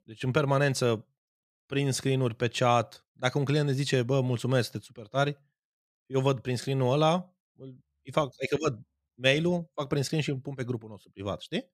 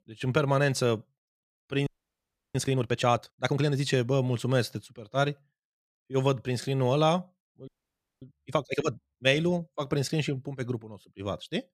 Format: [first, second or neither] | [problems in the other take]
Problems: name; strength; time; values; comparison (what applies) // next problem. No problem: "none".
first | audio freezing; at 2 s for 0.5 s and at 7.5 s for 0.5 s